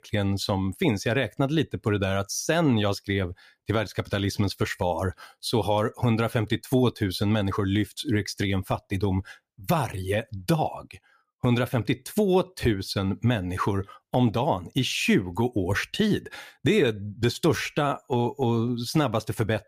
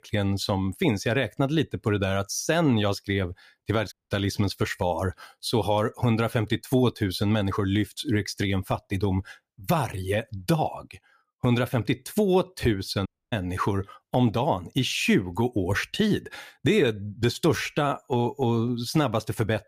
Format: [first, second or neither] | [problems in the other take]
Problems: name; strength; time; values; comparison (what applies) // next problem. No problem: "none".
first | audio cutting out; at 4 s and at 13 s